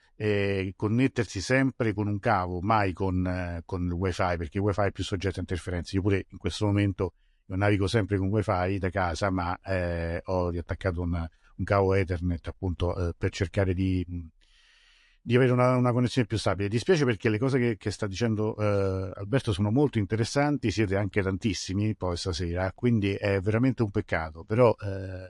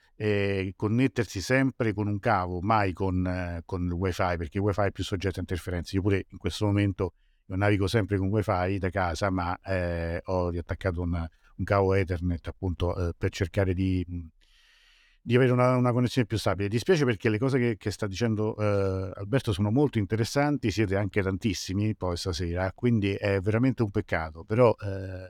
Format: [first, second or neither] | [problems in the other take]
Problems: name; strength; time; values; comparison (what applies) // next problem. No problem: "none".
second | garbled, watery; slightly